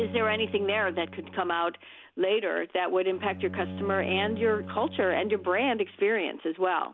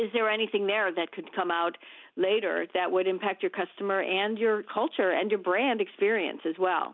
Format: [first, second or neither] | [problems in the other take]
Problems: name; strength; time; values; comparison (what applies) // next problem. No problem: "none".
second | background sound (Bowed string instrument); 13 dB below the speech